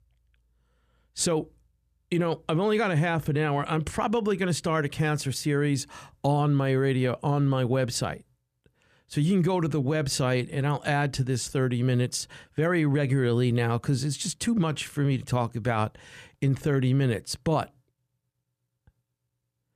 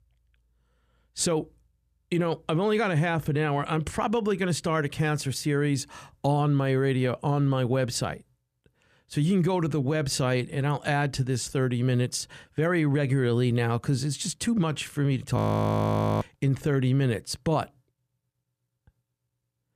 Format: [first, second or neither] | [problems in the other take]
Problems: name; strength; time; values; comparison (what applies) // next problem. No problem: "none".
first | audio freezing; at 15 s for 1 s